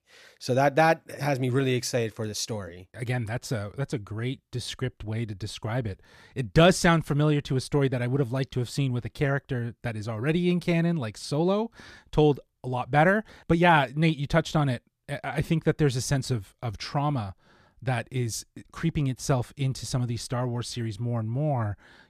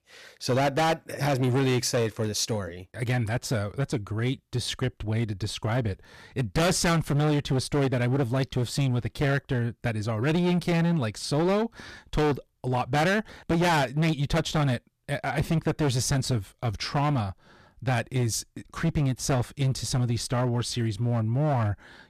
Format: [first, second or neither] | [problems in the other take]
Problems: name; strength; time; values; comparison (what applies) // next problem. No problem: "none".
first | distortion; heavy; 14% of the sound clipped